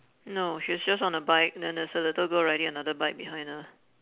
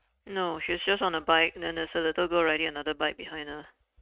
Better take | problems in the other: first | noise reduction (neural mask model RNNoise)

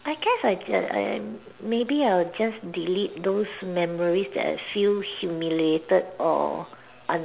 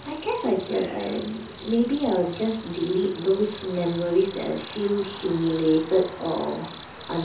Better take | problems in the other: first | background sound (Cricket); 15 dB below the speech // room echo; dies away in 0.6 s

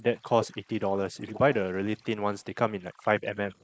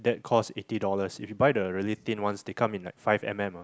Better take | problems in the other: second | noise reduction (neural mask model Resemble Enhance denoiser)

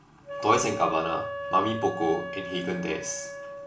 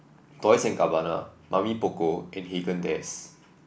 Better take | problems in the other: second | background sound (Wind instrument, woodwind instrument); 8 dB below the speech // room echo; dies away in 0.2 s

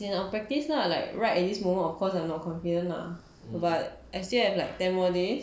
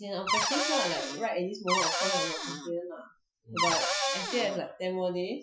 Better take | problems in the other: first | noise reduction (classical method Wiener filter)

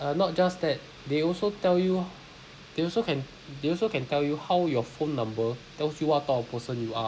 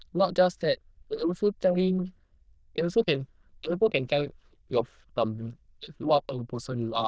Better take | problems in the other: first | noise reduction (neural diffusion model UNIVERSE++)

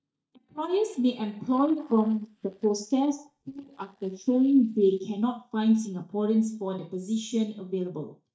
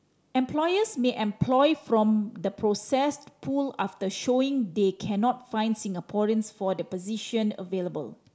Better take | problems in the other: second | noise reduction (neural mask model DeepFilterNet 3)

